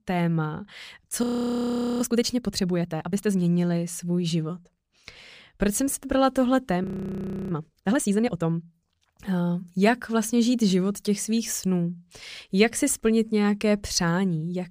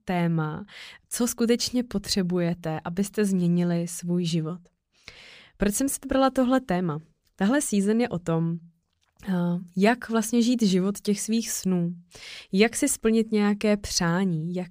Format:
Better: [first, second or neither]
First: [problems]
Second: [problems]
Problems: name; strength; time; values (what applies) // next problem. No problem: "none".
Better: second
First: audio freezing; at 1 s for 1 s and at 7 s for 0.5 s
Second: none